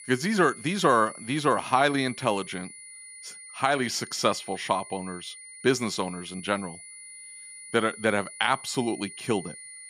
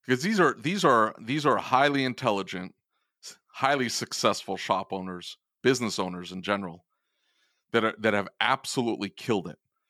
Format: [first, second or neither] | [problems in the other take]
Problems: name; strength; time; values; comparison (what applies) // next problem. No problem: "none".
second | high-pitched whine; noticeable; throughout; 9.5 kHz, 15 dB below the speech